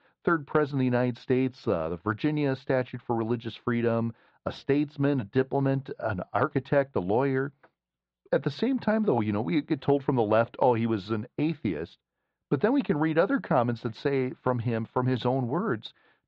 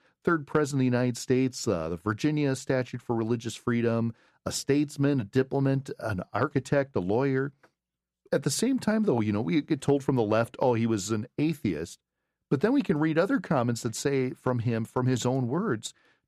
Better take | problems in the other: second | muffled; very; fading above 4 kHz

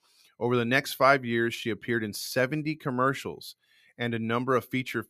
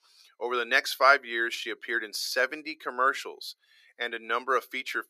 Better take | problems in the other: first | thin; very; fading below 400 Hz

